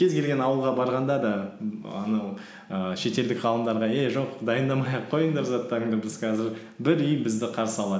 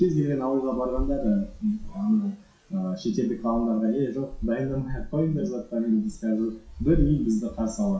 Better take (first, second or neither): first